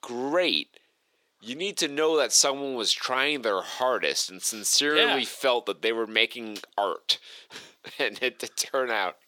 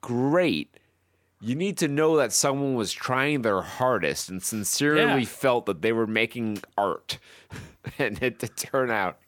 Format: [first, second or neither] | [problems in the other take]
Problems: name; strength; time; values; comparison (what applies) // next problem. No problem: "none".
second | thin; somewhat; fading below 400 Hz